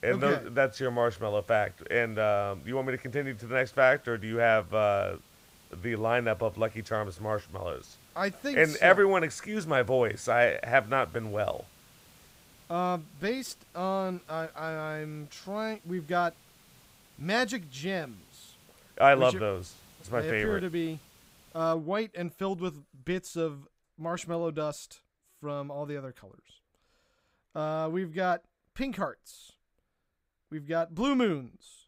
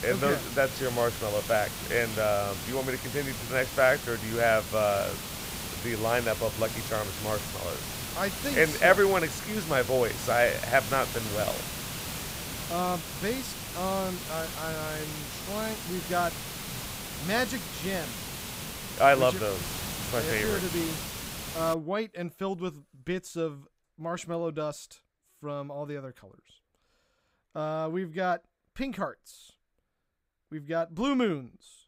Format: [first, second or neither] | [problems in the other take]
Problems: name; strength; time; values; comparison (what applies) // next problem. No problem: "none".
first | hiss; loud; until 22 s; 6 dB below the speech; faint in the first